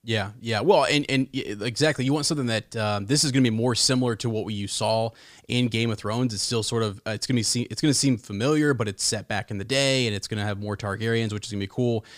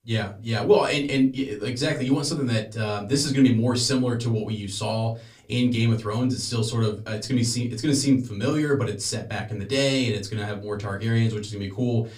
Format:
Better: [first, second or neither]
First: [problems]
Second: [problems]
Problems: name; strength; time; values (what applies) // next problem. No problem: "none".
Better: first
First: none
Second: off-mic speech; far // room echo; very slight; dies away in 0.3 s